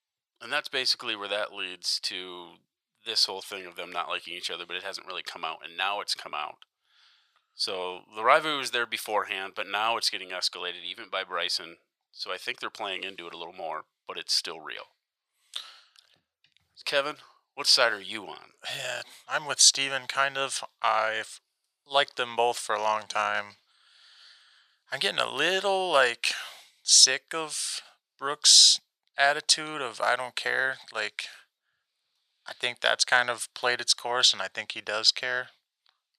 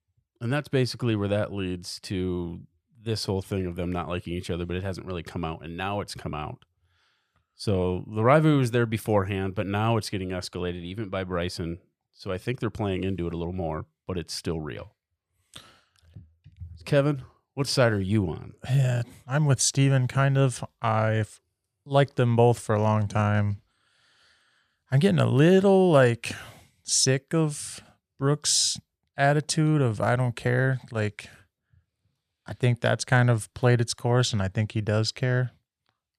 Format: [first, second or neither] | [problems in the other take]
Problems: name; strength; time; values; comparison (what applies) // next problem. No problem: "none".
second | thin; very; fading below 900 Hz